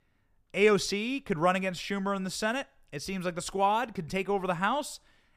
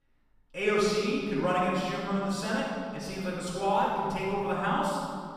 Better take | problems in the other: first | off-mic speech; far // room echo; strong; dies away in 2.3 s

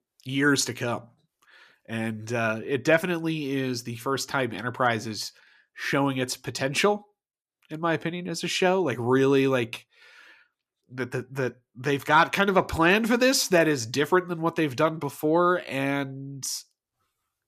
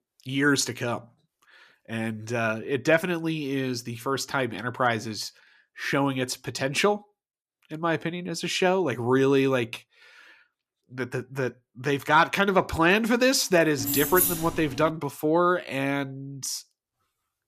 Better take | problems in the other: first | jangling keys; loud; from 14 to 15 s; peak 3 dB above the speech

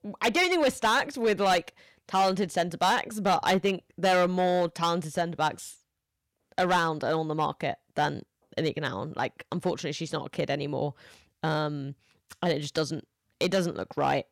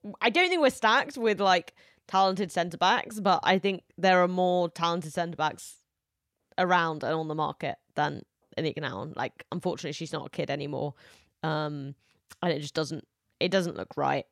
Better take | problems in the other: second | distortion; slight; 5% of the sound clipped

